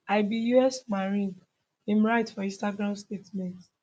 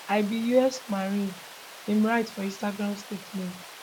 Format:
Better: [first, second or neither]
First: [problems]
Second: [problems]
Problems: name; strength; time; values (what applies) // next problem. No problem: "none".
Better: first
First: none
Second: background sound (Water); 16 dB below the speech